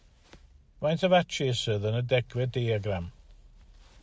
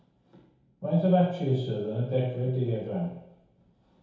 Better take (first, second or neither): first